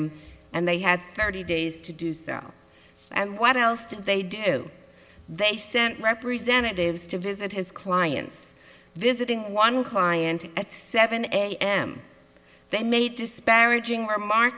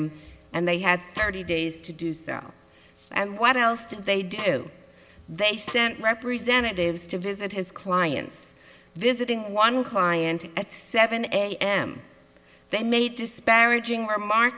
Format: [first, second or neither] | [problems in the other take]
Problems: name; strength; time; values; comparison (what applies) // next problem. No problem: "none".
first | background sound (Snare drum); 20 dB below the speech